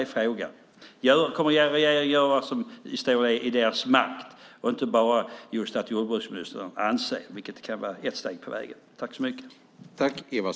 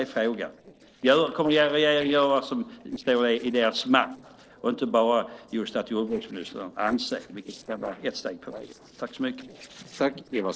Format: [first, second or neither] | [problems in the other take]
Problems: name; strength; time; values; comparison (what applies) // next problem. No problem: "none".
first | noise reduction (neural separator model SepFormer DNS4)